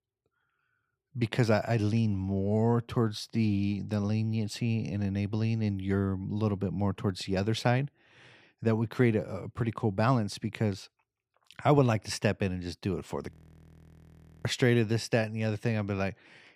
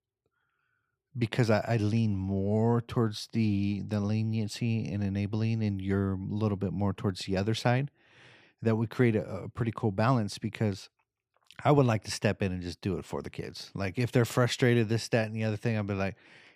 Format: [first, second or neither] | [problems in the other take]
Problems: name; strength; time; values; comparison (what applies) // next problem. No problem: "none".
second | audio freezing; at 13 s for 1 s